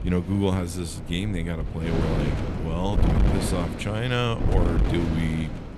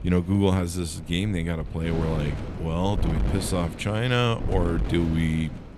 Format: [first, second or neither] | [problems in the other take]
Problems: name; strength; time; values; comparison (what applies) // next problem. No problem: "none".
second | wind noise on the microphone; heavy; 4 dB below the speech; occasional gusts in the second